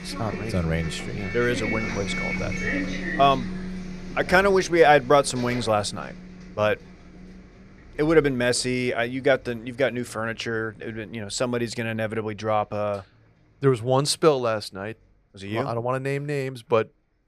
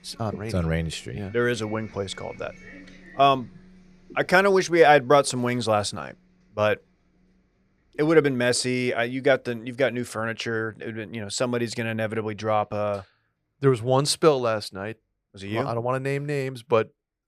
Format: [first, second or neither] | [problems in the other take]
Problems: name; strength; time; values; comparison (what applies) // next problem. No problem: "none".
second | traffic noise; loud; throughout; 8 dB below the speech; faint in the second